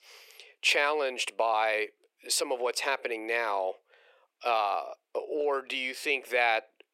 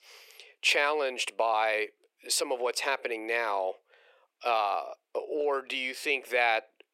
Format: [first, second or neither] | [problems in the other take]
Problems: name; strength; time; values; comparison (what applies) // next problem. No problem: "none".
neither | thin; very; fading below 400 Hz; the same in both